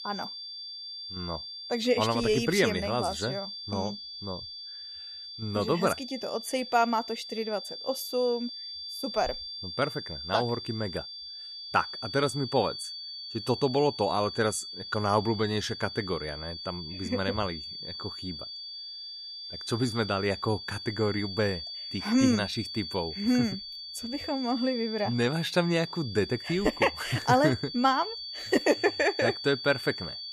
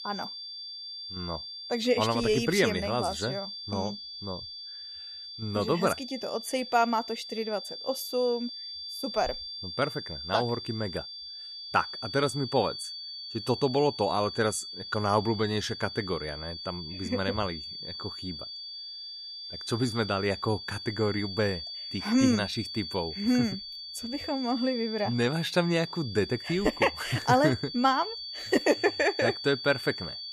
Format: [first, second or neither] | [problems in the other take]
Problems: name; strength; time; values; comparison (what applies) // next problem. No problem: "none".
neither | high-pitched whine; loud; throughout; 4.5 kHz, 8 dB below the speech; the same in both